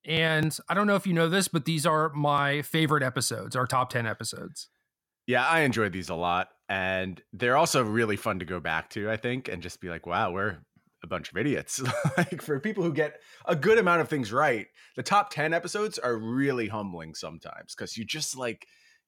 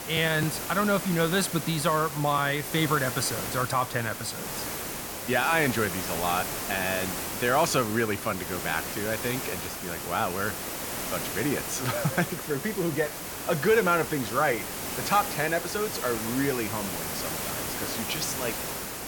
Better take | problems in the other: first | hiss; loud; throughout; 5 dB below the speech

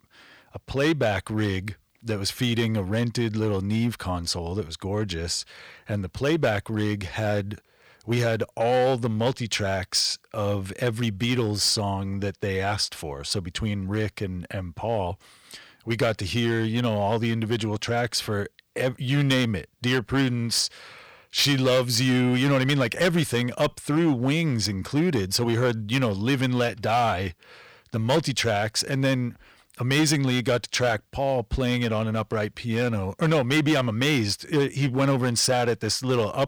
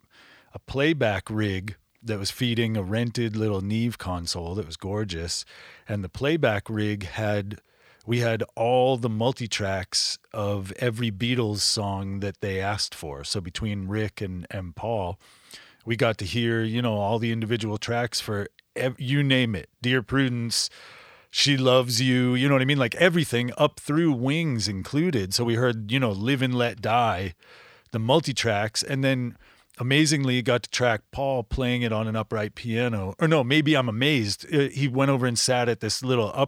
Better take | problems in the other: second | distortion; slight; 4% of the sound clipped

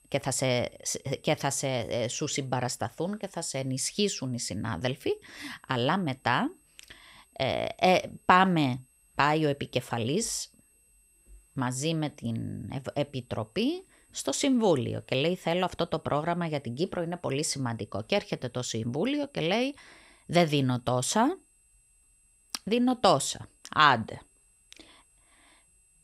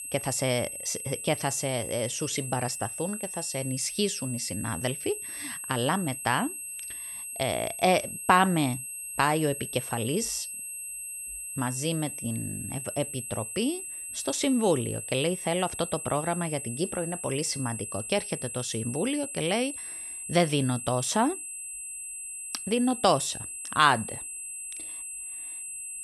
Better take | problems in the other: first | high-pitched whine; loud; throughout; 8 kHz, 6 dB below the speech; faint in the first

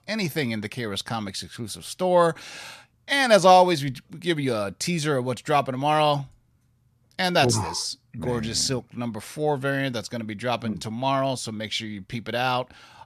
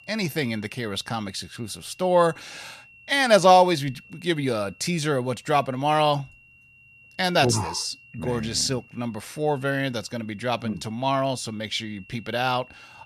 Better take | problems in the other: first | high-pitched whine; faint; throughout; 2.5 kHz, 25 dB below the speech

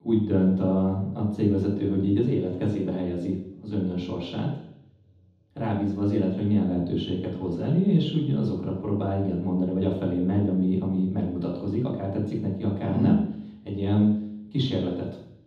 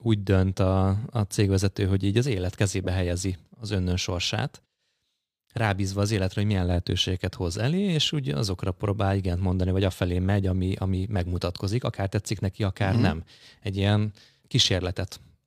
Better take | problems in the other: second | room echo; strong; dies away in 0.9 s // off-mic speech; far

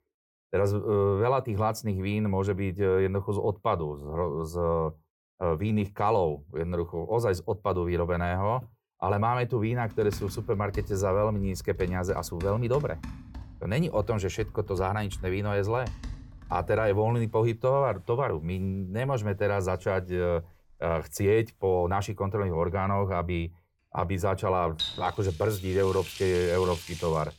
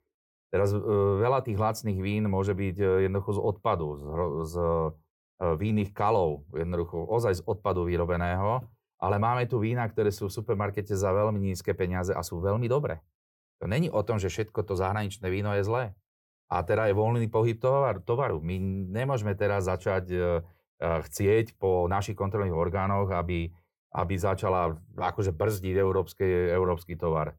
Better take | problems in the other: second | household noises; noticeable; from 9.5 s on; 15 dB below the speech

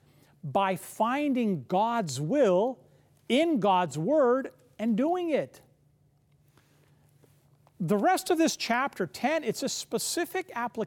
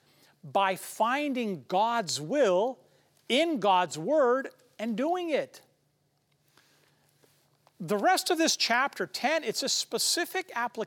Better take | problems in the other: first | thin; very slightly; fading below 900 Hz

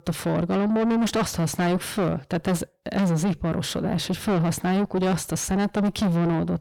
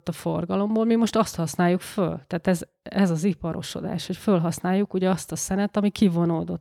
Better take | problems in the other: second | distortion; heavy; 7 dB below the speech

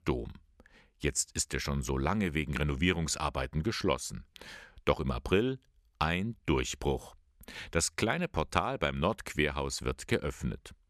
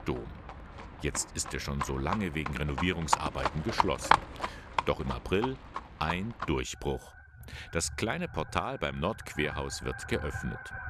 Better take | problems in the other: first | animal sounds; loud; throughout; 2 dB below the speech

